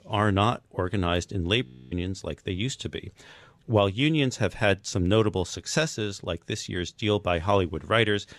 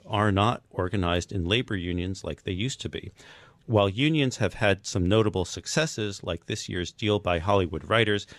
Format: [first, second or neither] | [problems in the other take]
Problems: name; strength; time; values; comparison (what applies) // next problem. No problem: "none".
second | audio freezing; at 1.5 s